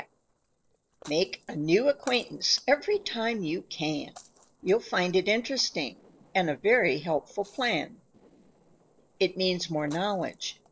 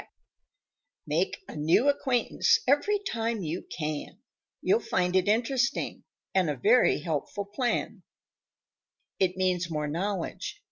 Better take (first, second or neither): second